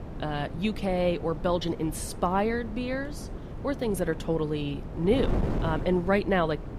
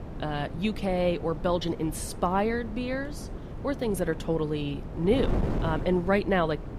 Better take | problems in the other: neither | wind noise on the microphone; occasional gusts; 10 dB below the speech; the same in both

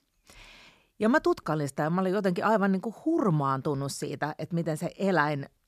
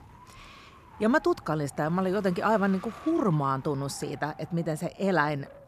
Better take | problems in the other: first | wind noise on the microphone; occasional gusts; 20 dB below the speech

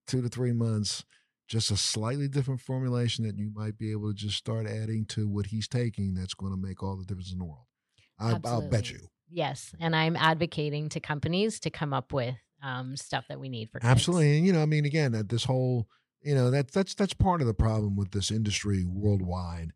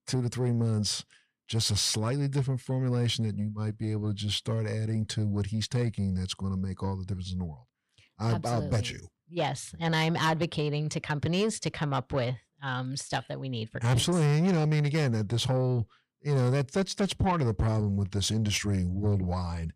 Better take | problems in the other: first | distortion; slight; 10 dB below the speech

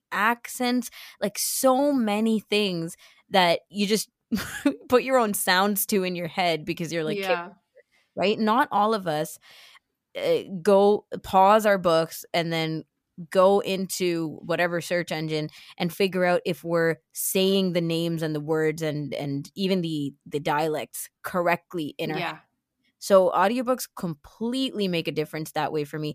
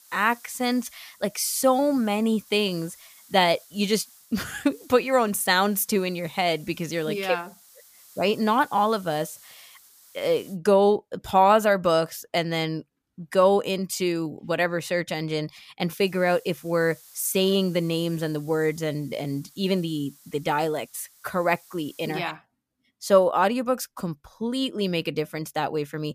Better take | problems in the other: first | hiss; faint; until 11 s and from 16 to 22 s; 25 dB below the speech

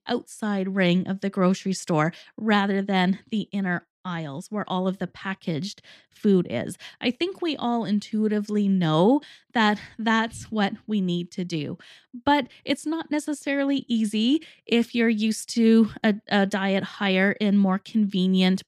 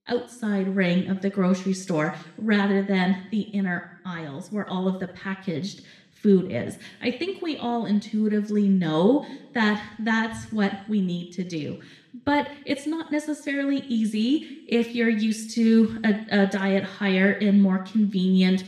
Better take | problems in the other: first | room echo; slight; dies away in 0.7 s

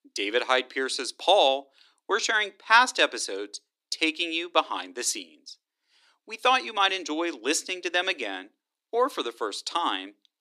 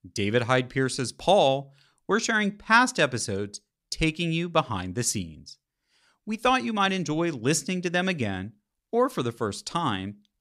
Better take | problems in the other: second | thin; very; fading below 300 Hz

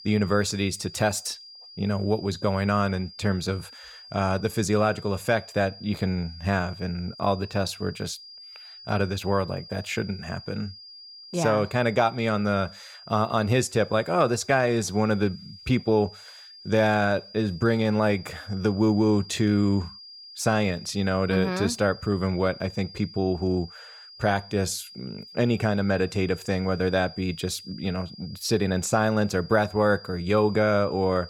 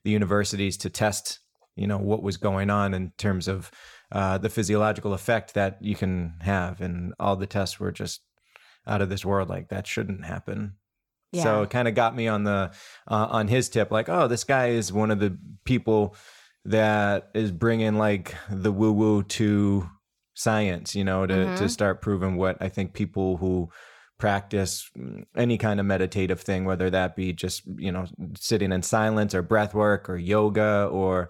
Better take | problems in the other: second | high-pitched whine; noticeable; throughout; 5 kHz, 20 dB below the speech

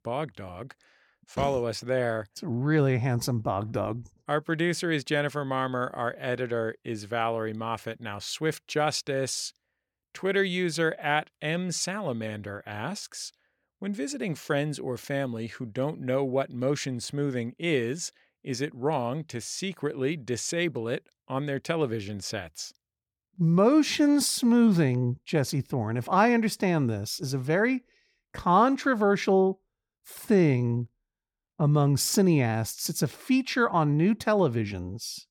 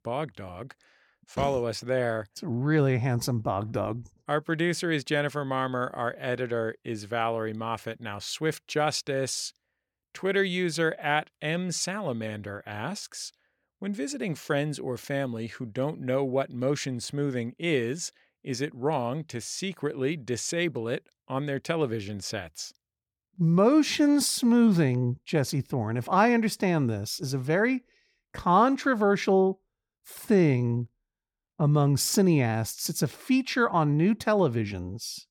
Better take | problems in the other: neither | none

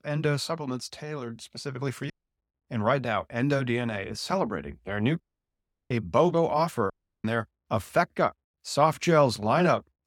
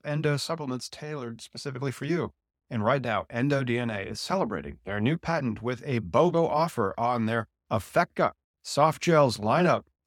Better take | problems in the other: second | audio cutting out; at 2 s, at 5 s for 0.5 s and at 7 s

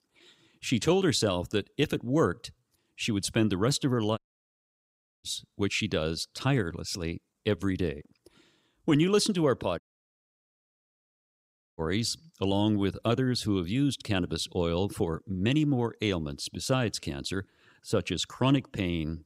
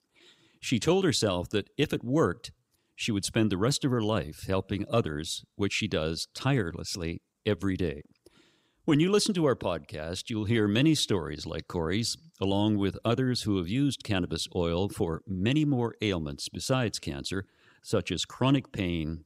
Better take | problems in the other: second | audio cutting out; at 4 s for 1 s and at 10 s for 2 s

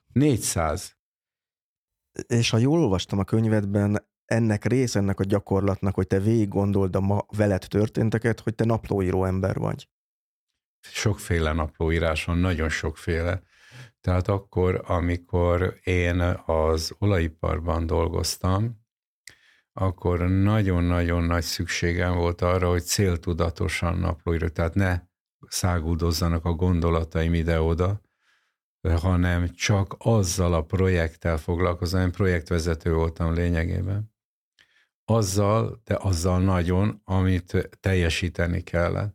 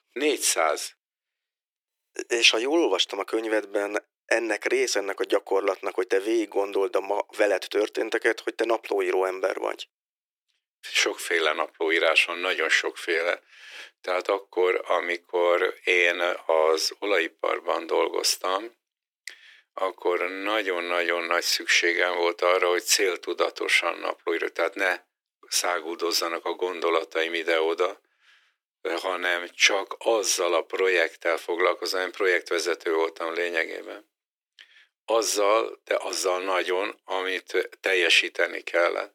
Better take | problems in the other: first | thin; very; fading below 350 Hz

